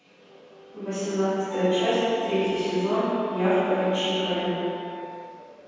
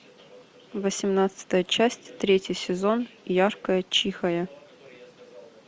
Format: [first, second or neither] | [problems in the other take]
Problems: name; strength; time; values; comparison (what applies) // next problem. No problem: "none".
second | background sound (Wind instrument, woodwind instrument); 14 dB below the speech // room echo; dies away in 2.2 s